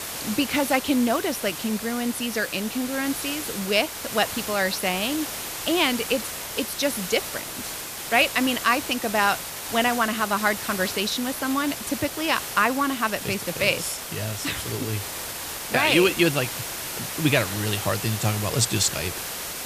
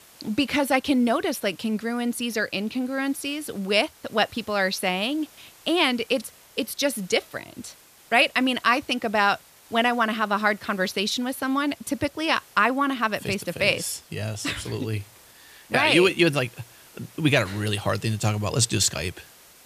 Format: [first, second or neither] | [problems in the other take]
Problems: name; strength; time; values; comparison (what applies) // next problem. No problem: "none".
second | hiss; loud; throughout; 6 dB below the speech; faint in the second